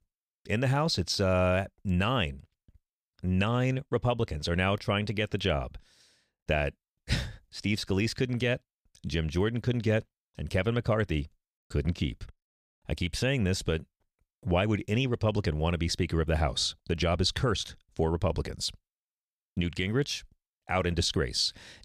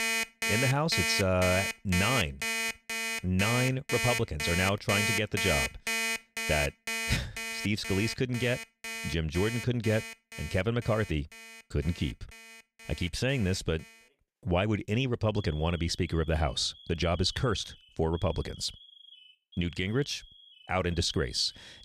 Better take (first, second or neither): first